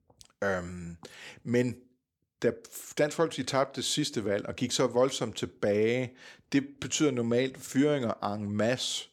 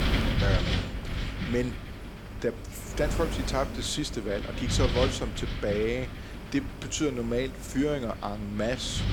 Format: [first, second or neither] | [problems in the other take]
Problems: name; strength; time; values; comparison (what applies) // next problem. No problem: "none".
first | wind noise on the microphone; heavy; 6 dB below the speech